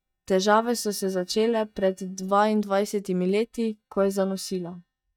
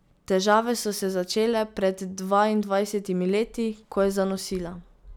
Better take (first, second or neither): second